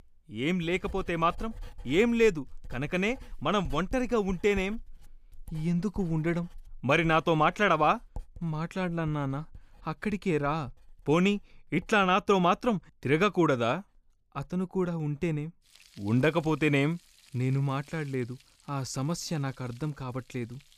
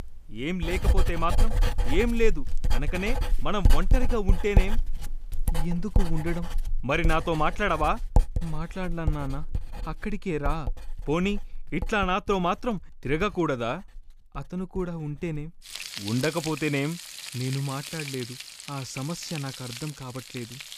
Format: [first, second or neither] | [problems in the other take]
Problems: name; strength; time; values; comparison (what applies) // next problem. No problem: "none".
first | household noises; loud; throughout; 2 dB below the speech; faint in the first